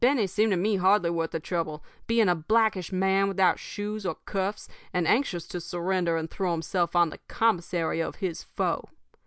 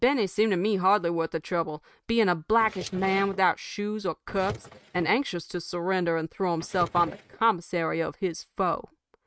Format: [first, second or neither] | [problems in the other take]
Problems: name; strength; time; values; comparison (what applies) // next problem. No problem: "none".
first | noise reduction (neural mask model RNNoise)